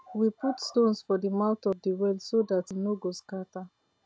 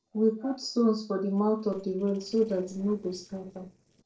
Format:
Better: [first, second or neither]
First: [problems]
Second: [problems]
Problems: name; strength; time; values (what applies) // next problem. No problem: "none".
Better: first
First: none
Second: noise reduction (neural separator model SepFormer DNS4)